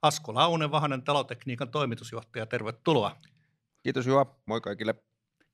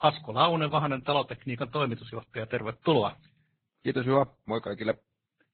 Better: first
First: none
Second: garbled, watery; badly; nothing above 4 kHz

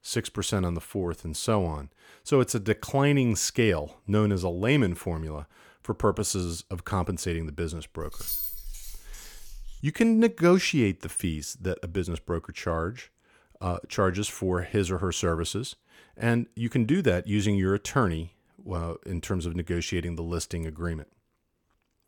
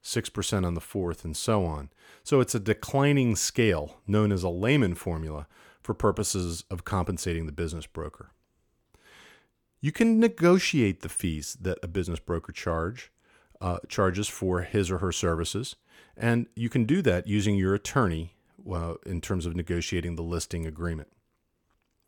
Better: second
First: jangling keys; noticeable; from 8 to 10 s; peak 2 dB below the speech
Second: none

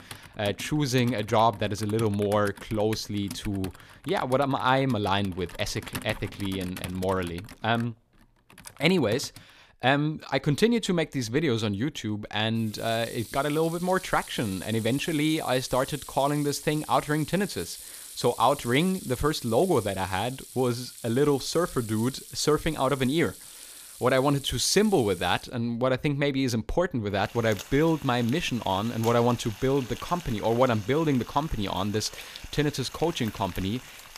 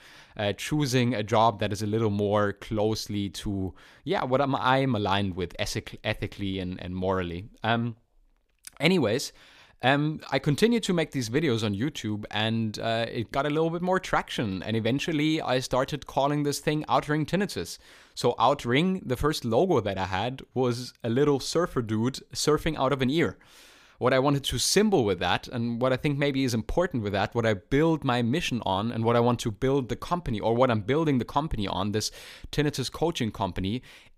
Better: second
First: household noises; noticeable; throughout; 15 dB below the speech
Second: none

